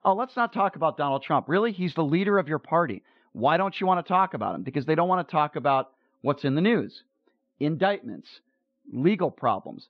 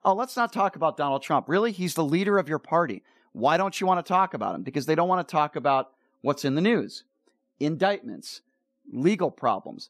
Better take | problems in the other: second | muffled; slightly; fading above 3.5 kHz

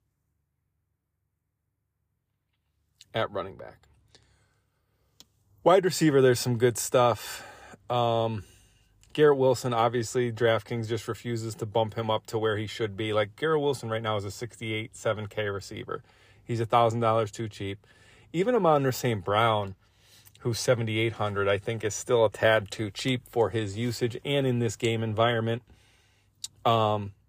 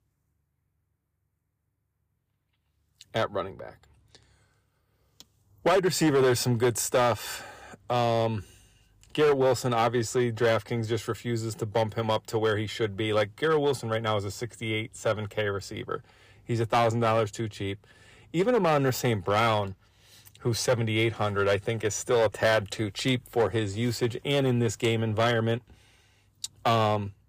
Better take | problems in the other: first | distortion; slight; 4% of the sound clipped

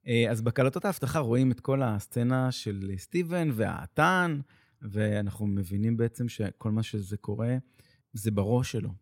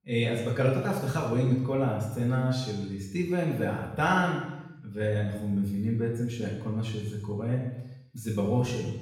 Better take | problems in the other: first | room echo; noticeable; dies away in 0.9 s // off-mic speech; far

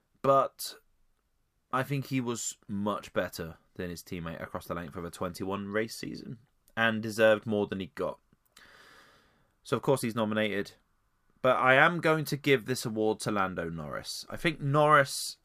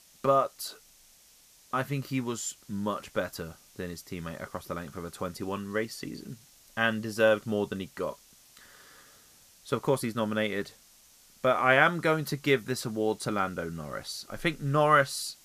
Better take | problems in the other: first | hiss; faint; throughout; 25 dB below the speech

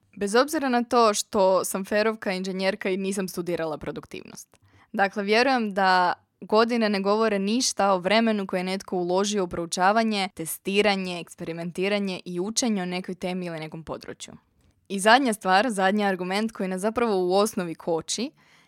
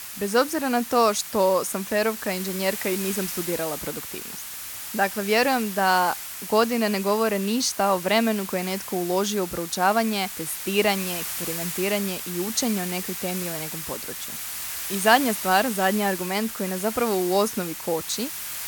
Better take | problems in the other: first | hiss; loud; throughout; 7 dB below the speech

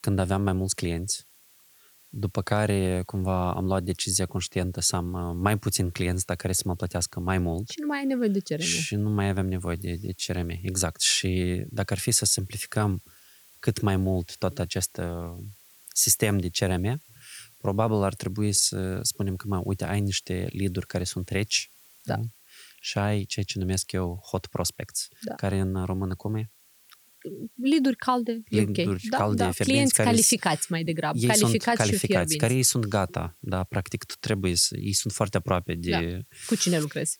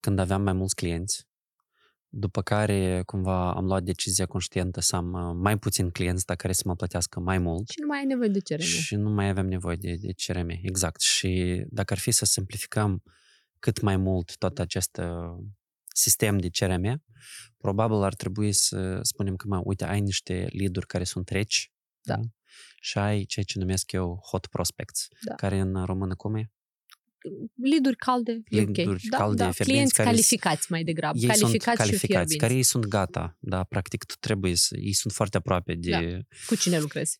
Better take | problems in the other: second | hiss; faint; throughout; 25 dB below the speech

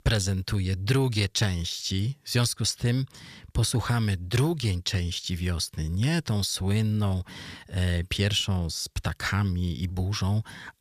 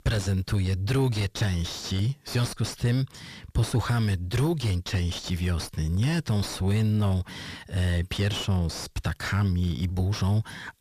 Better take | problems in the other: first | distortion; slight; 9 dB below the speech

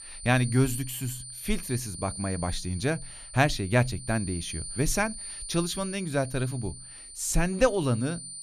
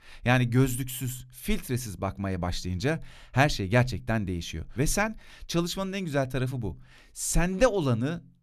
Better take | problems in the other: second | high-pitched whine; noticeable; throughout; 9 kHz, 10 dB below the speech

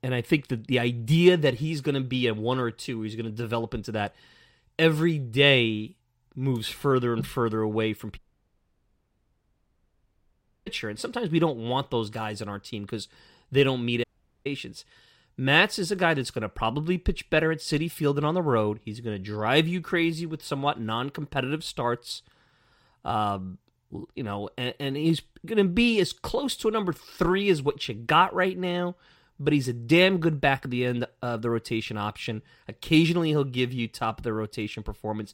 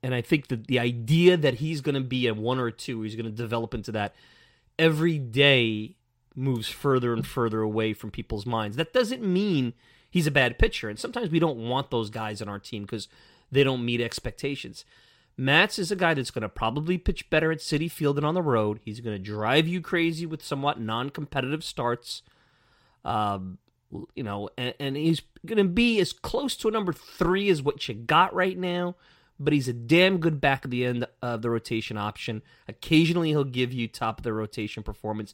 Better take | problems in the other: second | audio cutting out; at 8 s for 2.5 s and at 14 s

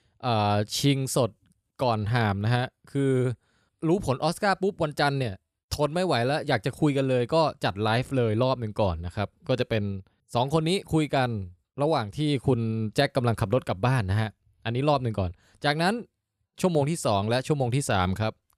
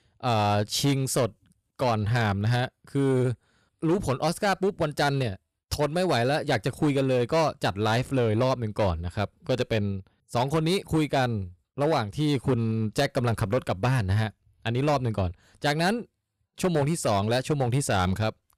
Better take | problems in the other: first | distortion; slight; 8% of the sound clipped

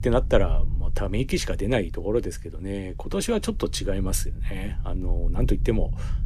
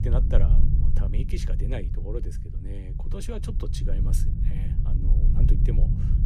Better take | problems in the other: first | low rumble; loud; throughout; 2 dB below the speech; faint in the first

